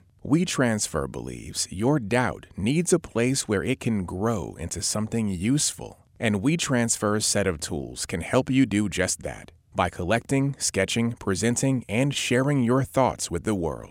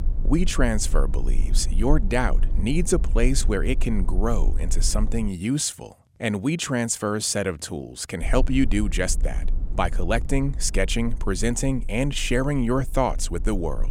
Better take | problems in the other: first | low rumble; faint; until 5.5 s and from 8 s on; 20 dB below the speech

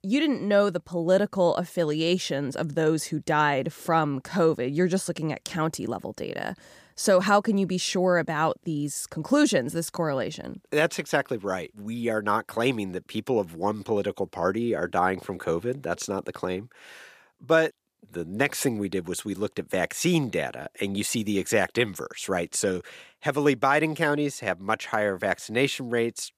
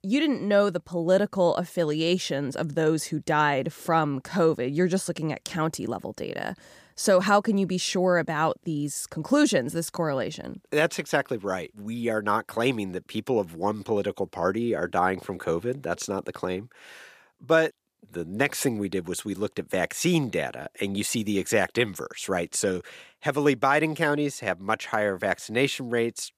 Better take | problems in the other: neither | none

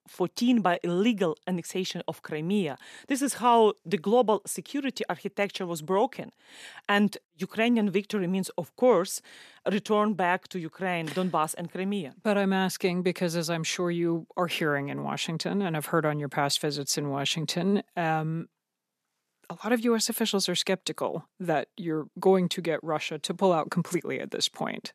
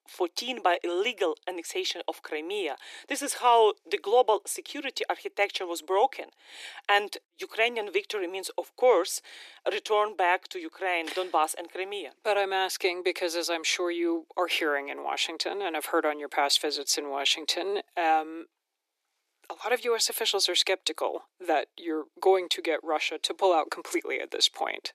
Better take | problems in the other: first | thin; very; fading below 300 Hz

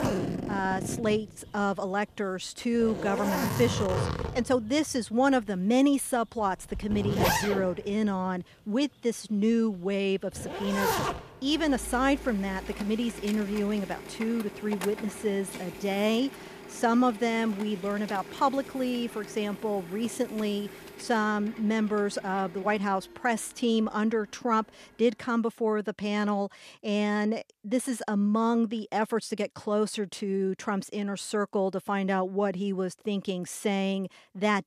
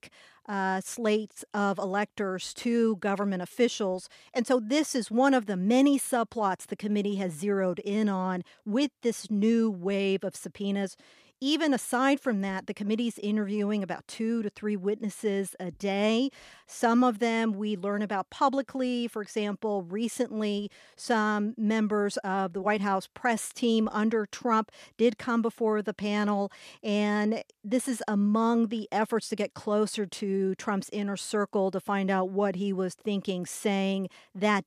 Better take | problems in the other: second | household noises; loud; until 25 s; 7 dB below the speech

